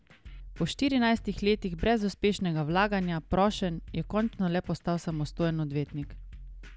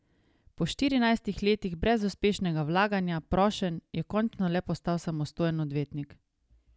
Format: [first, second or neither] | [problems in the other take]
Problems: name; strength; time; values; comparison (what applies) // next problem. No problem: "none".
second | background sound (Drum kit); 17 dB below the speech